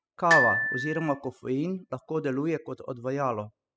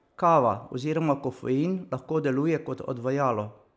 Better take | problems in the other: second | noise reduction (classical method spectral subtraction)

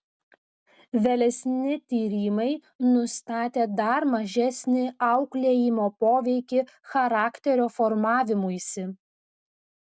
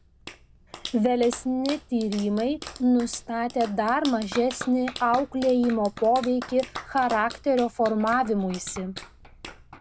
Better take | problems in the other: first | background sound (Clapping); 15 dB below the speech

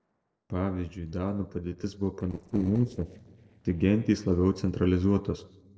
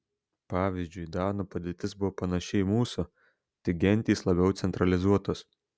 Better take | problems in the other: second | noise reduction (neural separator model SepFormer DNS4)

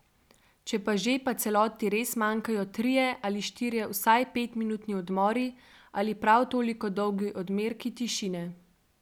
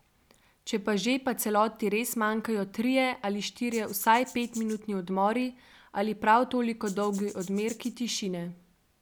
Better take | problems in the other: first | background sound (Rattle (instrument)); 19 dB below the speech

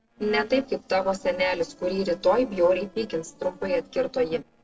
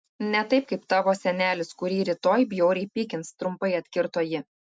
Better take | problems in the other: second | noise reduction (neural separator model SepFormer DNS4)

